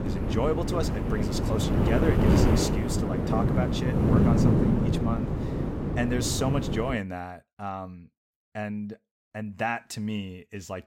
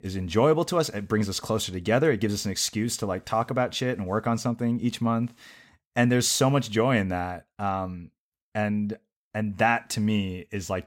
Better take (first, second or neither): second